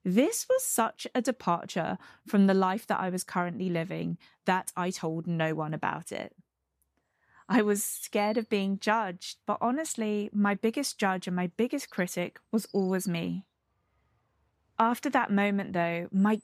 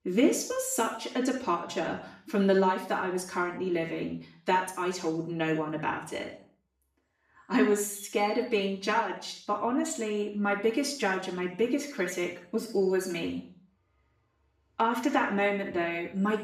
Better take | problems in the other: first | room echo; noticeable; dies away in 0.5 s // off-mic speech; far

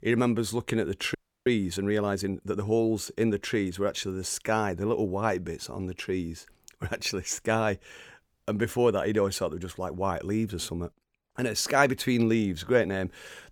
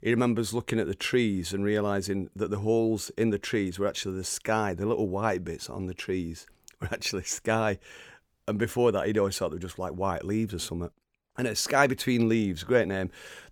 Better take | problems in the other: second | audio freezing; at 1 s

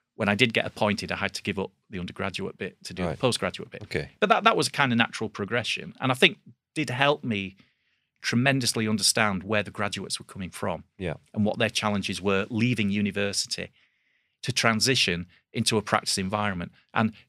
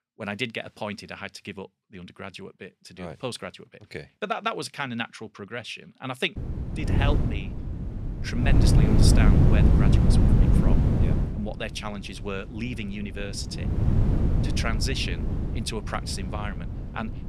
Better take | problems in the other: first | wind noise on the microphone; heavy; from 6.5 s on; 1 dB below the speech

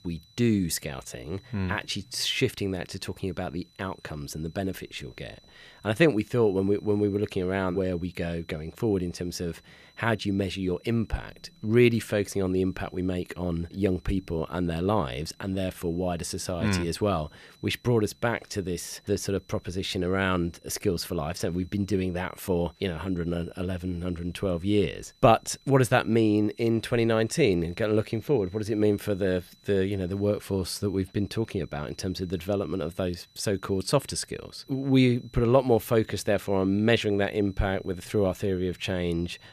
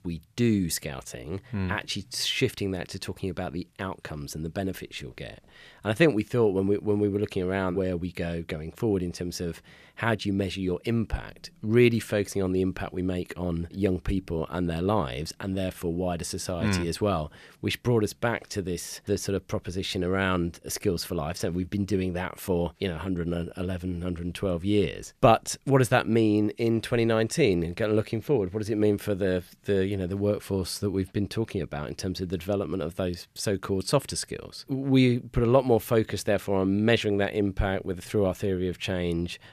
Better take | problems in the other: second | high-pitched whine; faint; throughout; 4 kHz, 30 dB below the speech

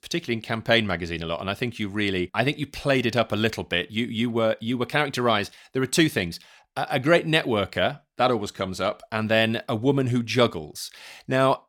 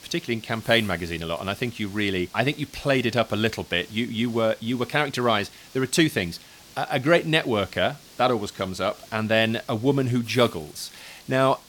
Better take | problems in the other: first | hiss; faint; throughout; 20 dB below the speech

